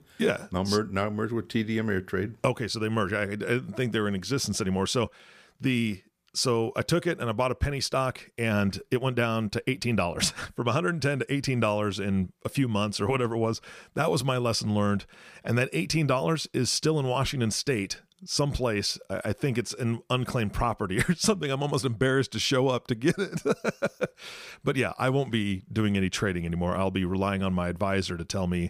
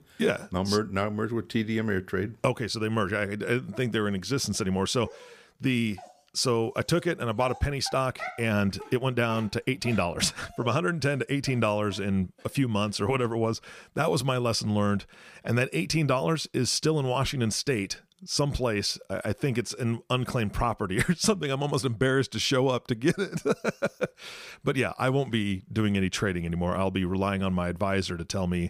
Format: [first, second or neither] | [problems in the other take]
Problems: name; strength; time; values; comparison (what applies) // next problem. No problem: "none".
first | dog barking; noticeable; from 5 to 12 s; peak 10 dB below the speech